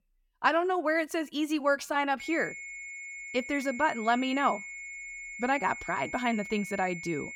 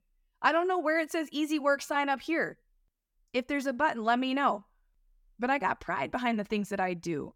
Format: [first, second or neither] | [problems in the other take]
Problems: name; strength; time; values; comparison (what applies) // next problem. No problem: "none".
second | high-pitched whine; loud; from 2 s on; 2 kHz, 10 dB below the speech